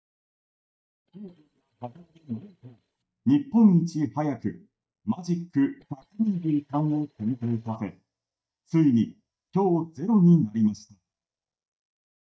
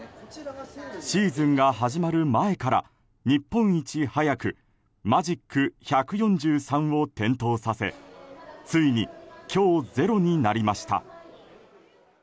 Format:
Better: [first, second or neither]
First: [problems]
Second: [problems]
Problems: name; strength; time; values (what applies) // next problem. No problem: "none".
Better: second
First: noise reduction (neural mask model DeepFilterNet 3)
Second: none